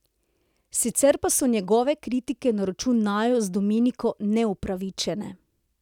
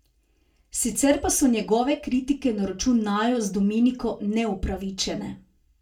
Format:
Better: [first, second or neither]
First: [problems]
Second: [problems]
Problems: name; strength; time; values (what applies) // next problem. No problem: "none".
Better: first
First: none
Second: room echo; dies away in 0.2 s